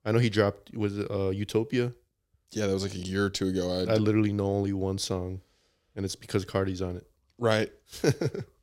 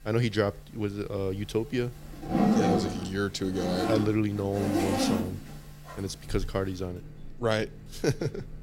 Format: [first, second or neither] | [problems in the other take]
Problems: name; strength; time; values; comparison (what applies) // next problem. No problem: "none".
first | household noises; very loud; throughout; 1 dB above the speech